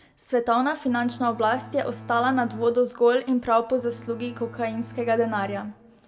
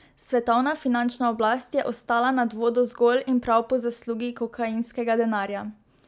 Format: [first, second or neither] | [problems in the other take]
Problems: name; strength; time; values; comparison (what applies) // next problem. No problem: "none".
second | background sound (Bowed string instrument); 18 dB below the speech // room echo; dies away in 1.1 s